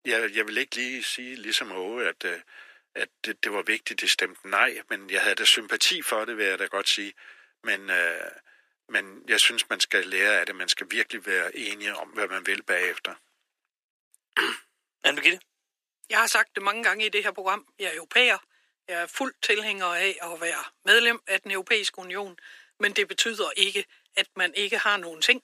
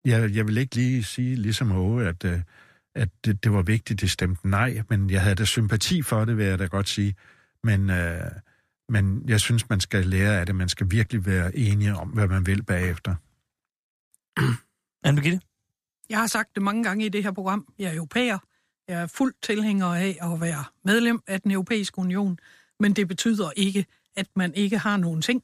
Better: second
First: thin; very; fading below 350 Hz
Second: none

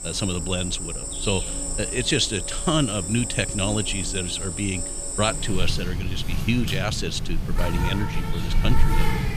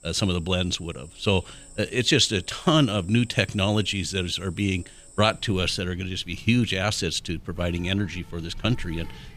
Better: second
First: animal sounds; loud; throughout; 2 dB below the speech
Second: animal sounds; faint; throughout; 20 dB below the speech

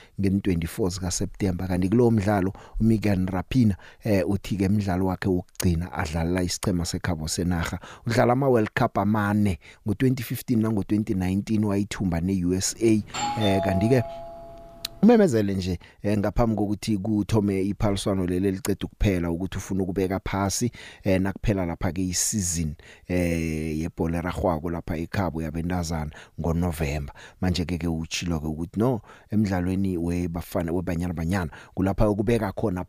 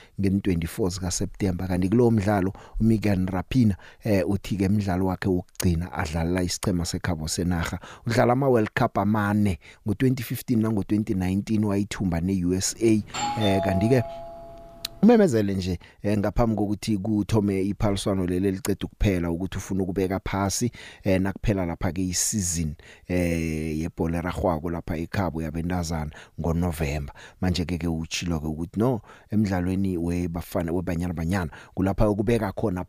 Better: neither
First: doorbell; noticeable; from 13 to 15 s; peak 2 dB below the speech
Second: doorbell; noticeable; from 13 to 15 s; peak 2 dB below the speech

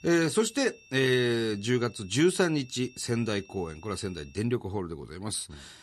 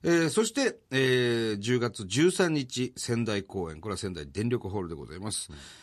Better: second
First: high-pitched whine; faint; until 4.5 s; 2.5 kHz, 25 dB below the speech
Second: none

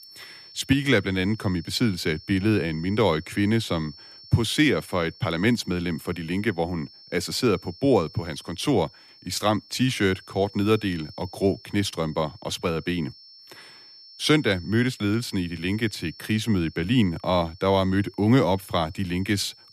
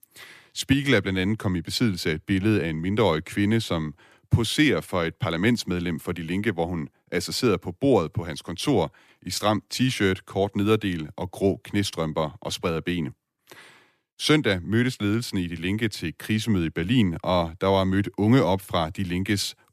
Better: second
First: high-pitched whine; faint; throughout; 5.5 kHz, 20 dB below the speech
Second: none

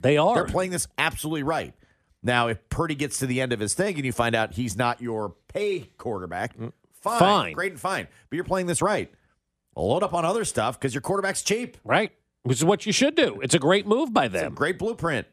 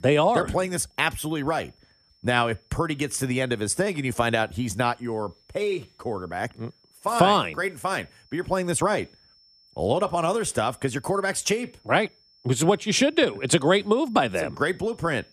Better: first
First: none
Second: high-pitched whine; faint; throughout; 5.5 kHz, 35 dB below the speech

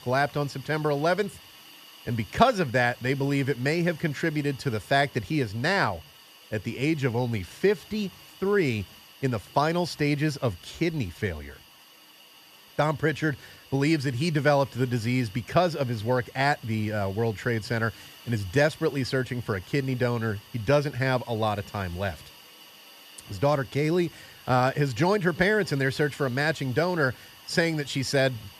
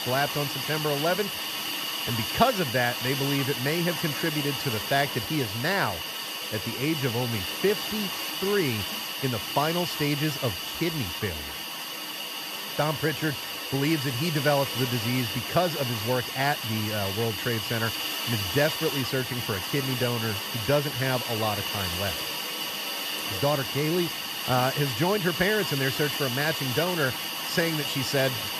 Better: first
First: hiss; faint; throughout; 20 dB below the speech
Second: hiss; loud; throughout; 2 dB below the speech

